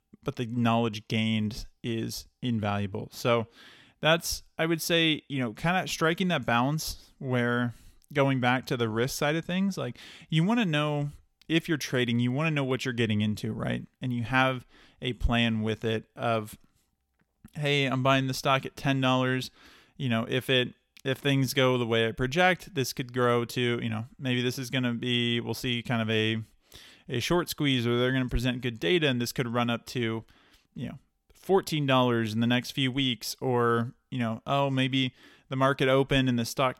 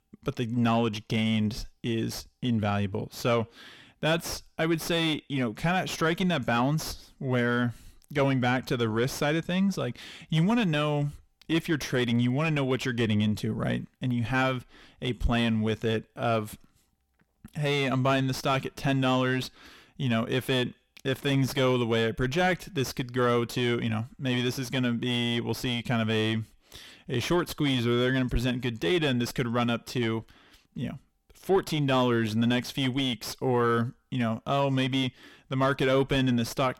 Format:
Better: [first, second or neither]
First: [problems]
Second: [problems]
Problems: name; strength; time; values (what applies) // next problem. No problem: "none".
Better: first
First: none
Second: distortion; slight; 10 dB below the speech